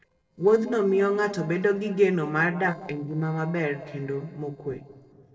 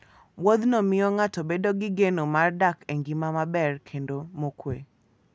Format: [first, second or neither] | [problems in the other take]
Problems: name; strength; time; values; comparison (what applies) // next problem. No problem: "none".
second | noise reduction (neural separator model SepFormer DNS4)